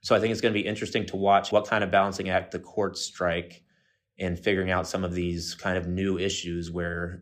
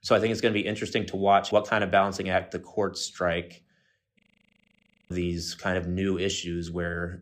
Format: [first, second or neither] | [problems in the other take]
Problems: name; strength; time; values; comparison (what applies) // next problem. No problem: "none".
first | audio freezing; at 4 s for 1 s